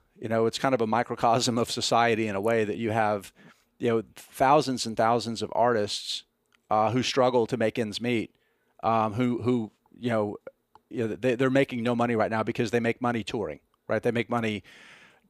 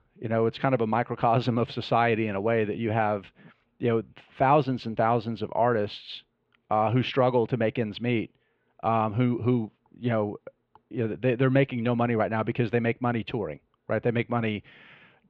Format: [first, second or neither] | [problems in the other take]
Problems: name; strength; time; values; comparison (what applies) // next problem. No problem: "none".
first | muffled; slightly; fading above 3 kHz